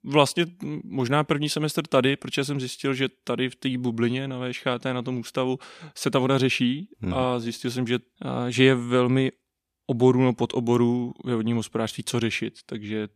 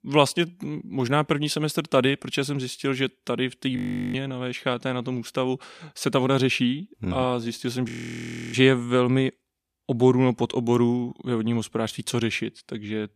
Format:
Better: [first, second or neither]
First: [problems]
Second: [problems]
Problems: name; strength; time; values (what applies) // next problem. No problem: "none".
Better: first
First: none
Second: audio freezing; at 4 s and at 8 s for 0.5 s